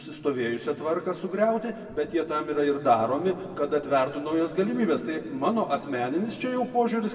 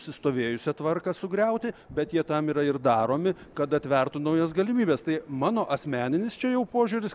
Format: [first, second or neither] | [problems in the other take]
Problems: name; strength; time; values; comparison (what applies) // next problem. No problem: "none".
second | room echo; dies away in 2 s